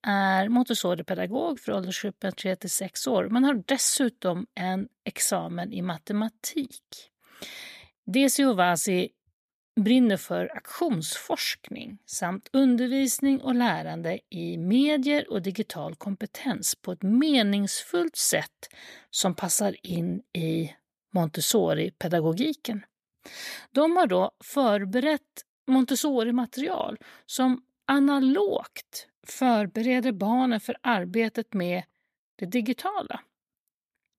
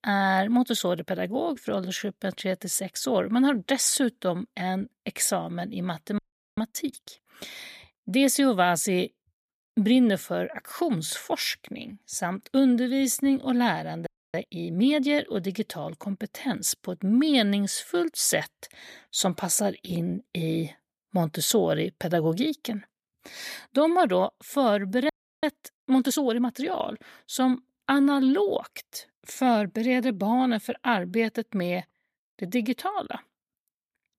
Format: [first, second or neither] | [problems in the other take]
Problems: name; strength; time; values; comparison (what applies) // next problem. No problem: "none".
first | audio freezing; at 6 s, at 14 s and at 25 s